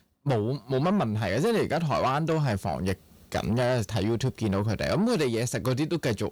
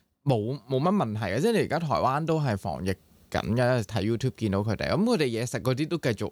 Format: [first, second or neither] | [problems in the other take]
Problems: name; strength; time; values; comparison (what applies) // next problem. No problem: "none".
second | distortion; slight; 10 dB below the speech